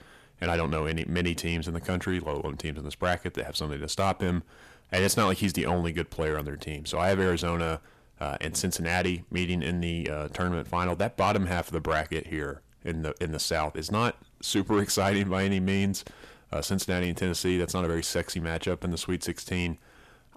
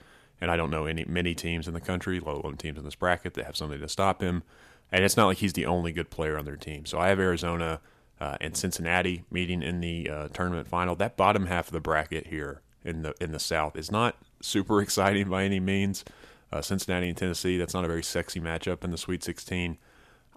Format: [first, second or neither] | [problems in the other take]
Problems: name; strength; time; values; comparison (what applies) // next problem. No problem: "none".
second | distortion; slight; 10 dB below the speech